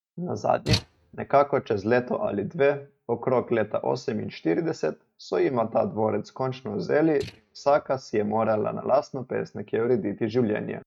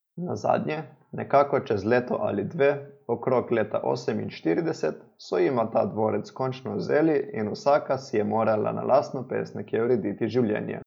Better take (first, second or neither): second